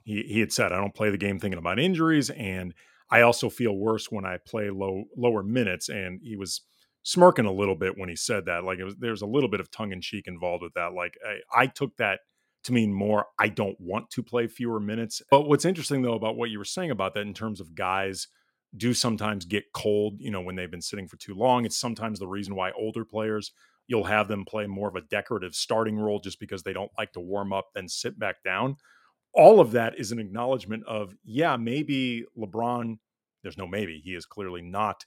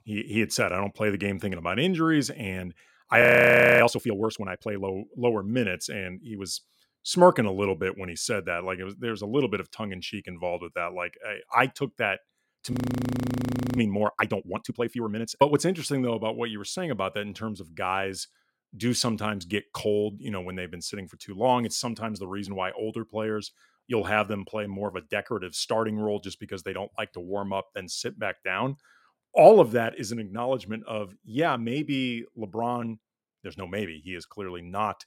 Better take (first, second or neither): first